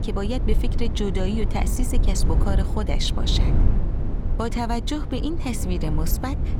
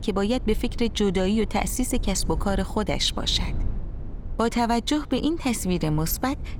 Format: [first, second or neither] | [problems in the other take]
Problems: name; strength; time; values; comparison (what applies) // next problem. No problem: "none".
second | low rumble; loud; throughout; 8 dB below the speech; faint in the second